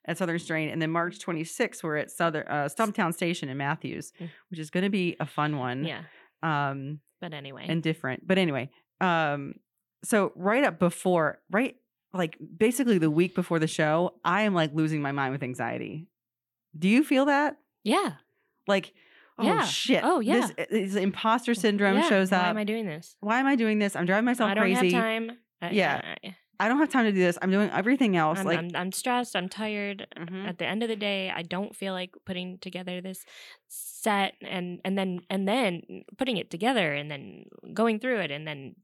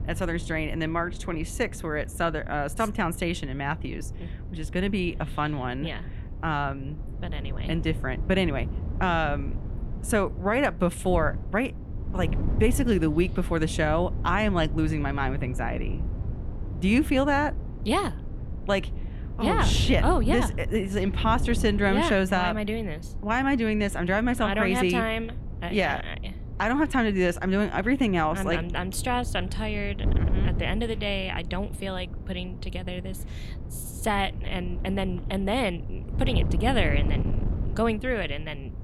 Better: first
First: none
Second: wind noise on the microphone; occasional gusts; 15 dB below the speech

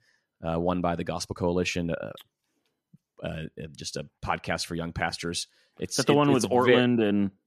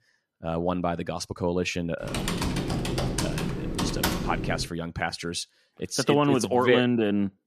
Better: first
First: none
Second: keyboard typing; loud; from 2 to 4.5 s; peak level with the speech

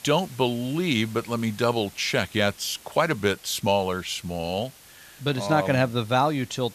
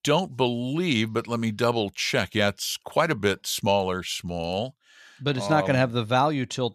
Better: second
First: hiss; faint; throughout; 20 dB below the speech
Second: none

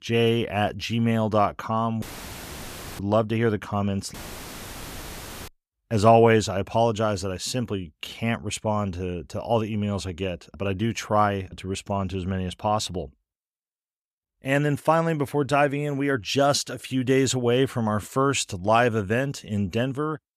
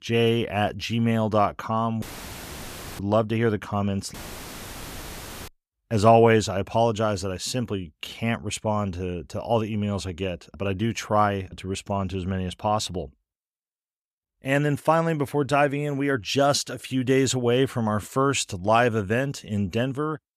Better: neither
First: audio cutting out; filled with static; at 2 s for 1 s and at 4 s for 1.5 s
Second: audio cutting out; filled with static; at 2 s for 1 s and at 4 s for 1.5 s

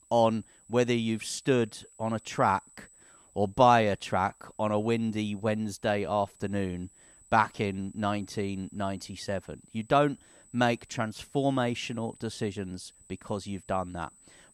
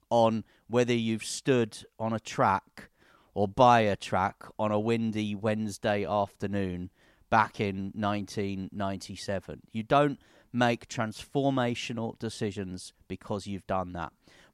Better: second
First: high-pitched whine; faint; throughout; 8 kHz, 25 dB below the speech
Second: none

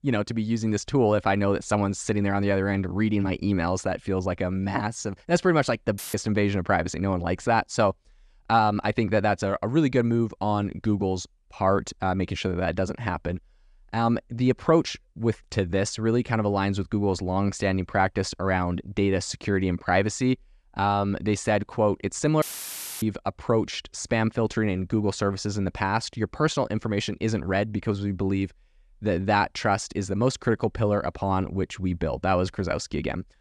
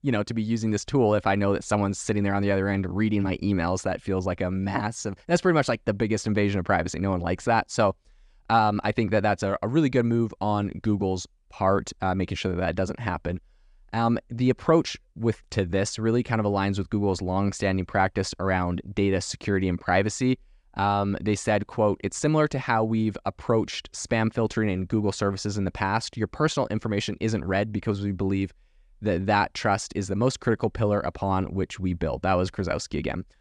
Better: second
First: audio cutting out; filled with static; at 6 s and at 22 s for 0.5 s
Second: none

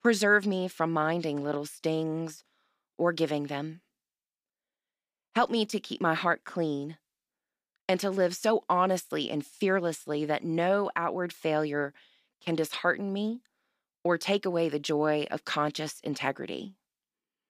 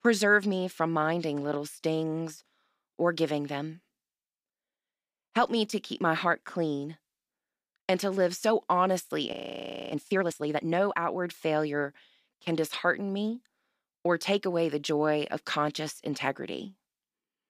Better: first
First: none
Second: audio freezing; at 9.5 s for 0.5 s

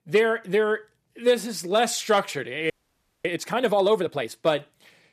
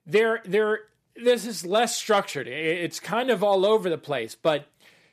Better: second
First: audio freezing; at 2.5 s for 0.5 s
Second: none

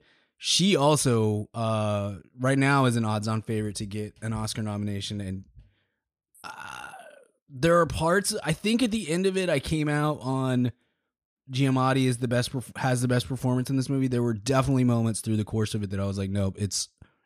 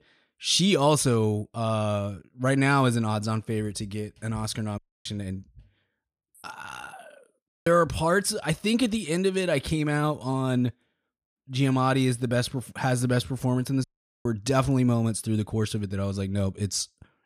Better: first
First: none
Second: audio cutting out; at 5 s, at 7.5 s and at 14 s

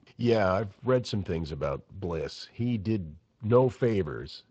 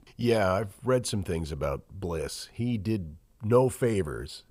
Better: second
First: garbled, watery; slightly; nothing above 7.5 kHz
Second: none

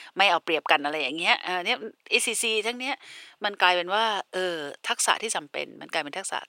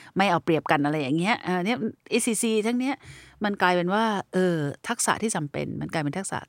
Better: second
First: thin; very; fading below 550 Hz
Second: none

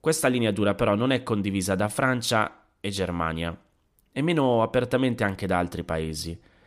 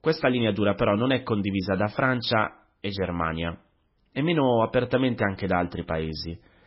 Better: first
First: none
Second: garbled, watery; badly; nothing above 5.5 kHz

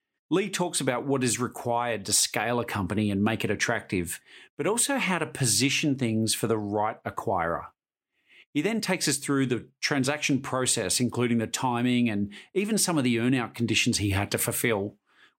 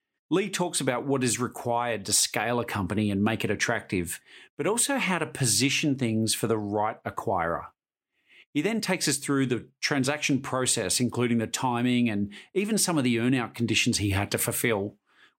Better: neither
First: none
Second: none

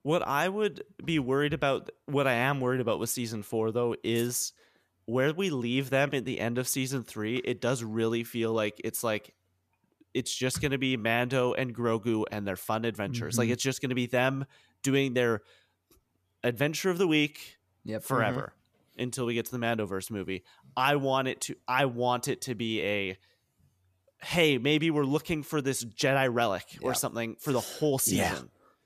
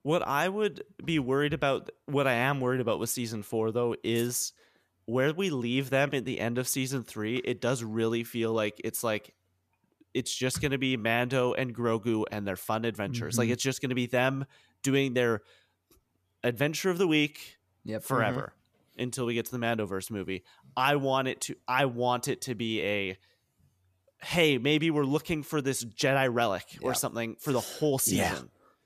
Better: neither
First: none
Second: none

